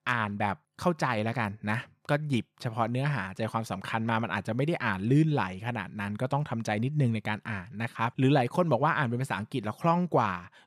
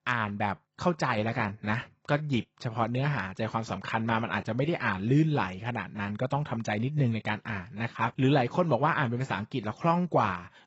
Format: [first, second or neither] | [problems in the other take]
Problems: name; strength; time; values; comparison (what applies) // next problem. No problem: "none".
first | garbled, watery; badly; nothing above 8 kHz